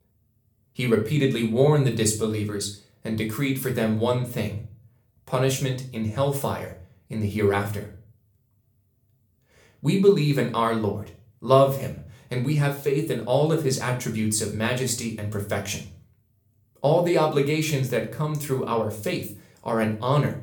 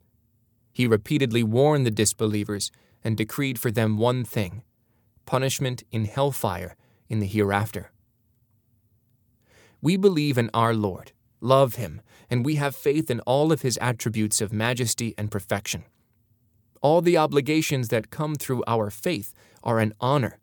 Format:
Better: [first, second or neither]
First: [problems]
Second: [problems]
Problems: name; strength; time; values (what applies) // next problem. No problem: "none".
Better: second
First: room echo; slight; dies away in 0.4 s // off-mic speech; somewhat distant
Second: none